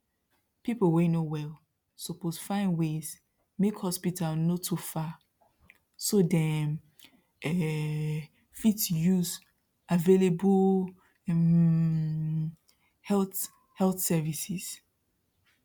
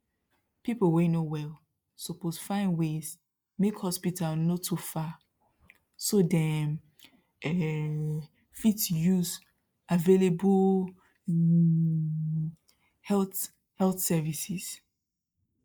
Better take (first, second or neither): first